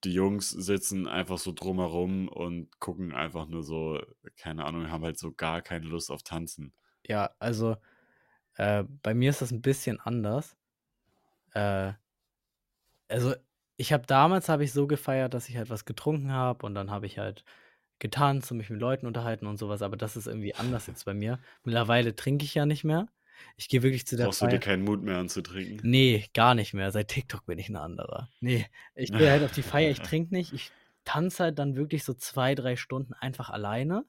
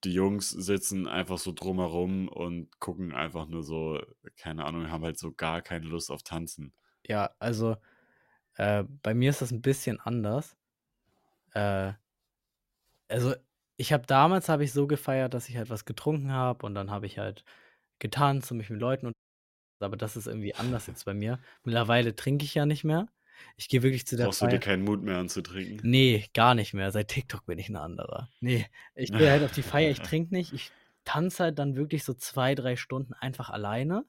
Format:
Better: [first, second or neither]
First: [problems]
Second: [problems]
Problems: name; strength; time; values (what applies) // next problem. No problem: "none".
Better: first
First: none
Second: audio cutting out; at 19 s for 0.5 s